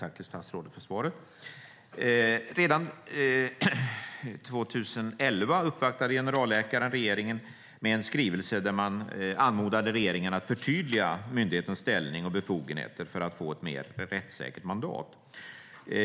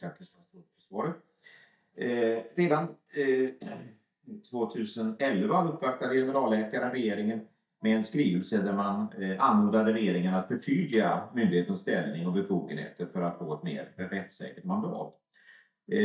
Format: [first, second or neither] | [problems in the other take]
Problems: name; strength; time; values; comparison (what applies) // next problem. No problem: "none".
first | noise reduction (neural mask model DeepFilterNet 3)